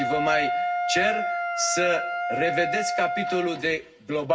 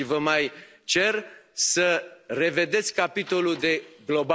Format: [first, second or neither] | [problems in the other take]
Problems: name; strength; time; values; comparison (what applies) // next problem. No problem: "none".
second | background sound (Wind instrument, woodwind instrument); 1 dB below the speech // room echo; dies away in 0.4 s